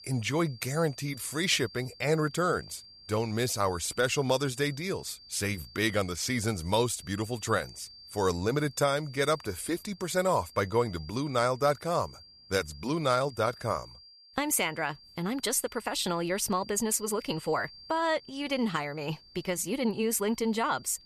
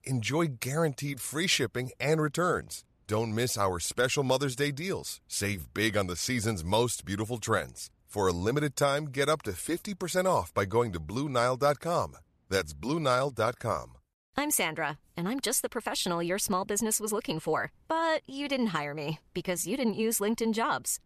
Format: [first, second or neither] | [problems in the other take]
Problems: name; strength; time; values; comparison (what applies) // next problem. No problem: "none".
second | high-pitched whine; noticeable; throughout; 4.5 kHz, 20 dB below the speech